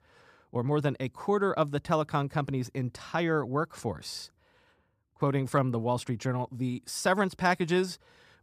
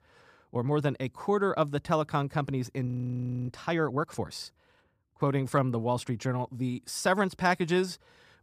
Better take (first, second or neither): first